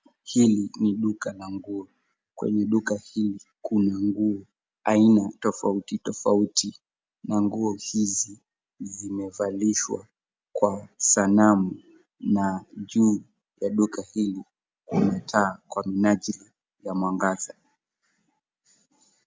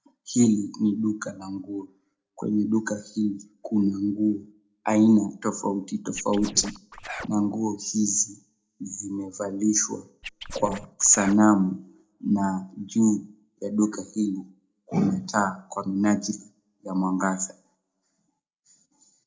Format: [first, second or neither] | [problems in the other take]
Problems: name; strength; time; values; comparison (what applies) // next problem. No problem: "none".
first | noise reduction (neural separator model SepFormer DNS4)